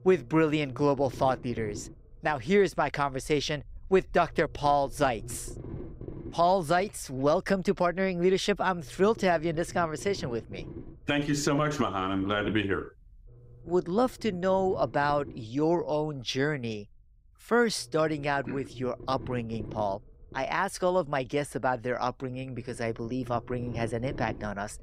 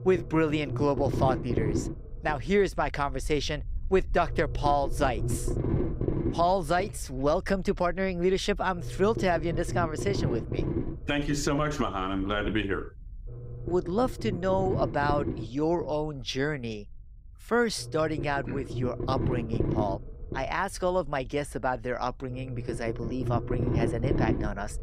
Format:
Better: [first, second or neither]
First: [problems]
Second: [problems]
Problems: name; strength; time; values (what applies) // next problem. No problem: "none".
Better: first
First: low rumble; faint; throughout; 20 dB below the speech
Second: low rumble; loud; throughout; 9 dB below the speech